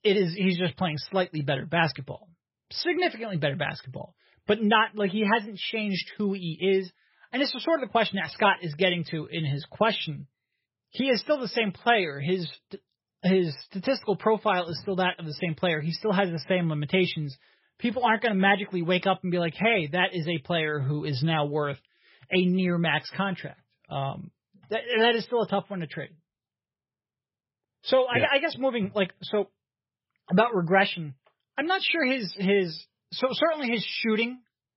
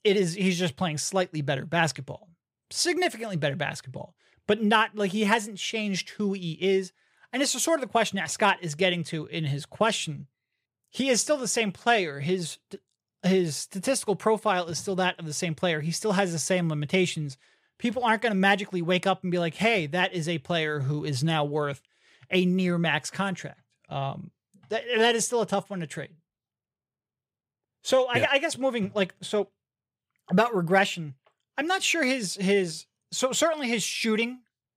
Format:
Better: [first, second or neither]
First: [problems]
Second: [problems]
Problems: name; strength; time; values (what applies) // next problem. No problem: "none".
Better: second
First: garbled, watery; badly; nothing above 5.5 kHz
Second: none